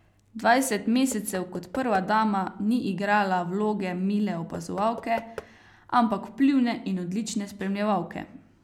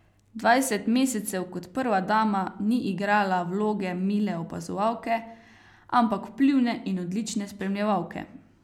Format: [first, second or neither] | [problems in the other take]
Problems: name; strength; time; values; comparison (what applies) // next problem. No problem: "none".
second | background sound (Knock / Wood); 19 dB below the speech